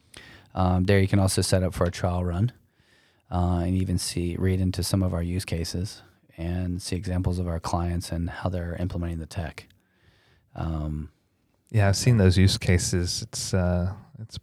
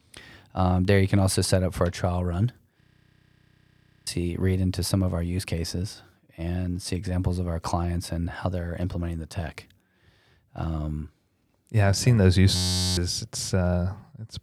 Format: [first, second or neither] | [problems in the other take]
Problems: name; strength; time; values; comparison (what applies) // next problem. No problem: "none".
first | audio freezing; at 3 s for 1.5 s and at 13 s